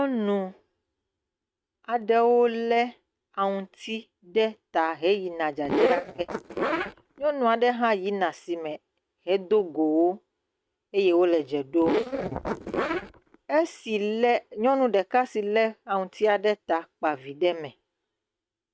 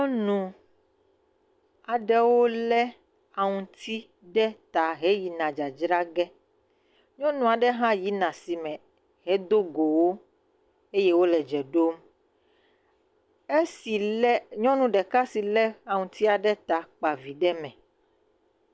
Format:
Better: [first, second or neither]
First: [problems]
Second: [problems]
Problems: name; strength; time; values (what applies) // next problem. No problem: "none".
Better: second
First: noise reduction (neural mask model RNNoise)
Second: none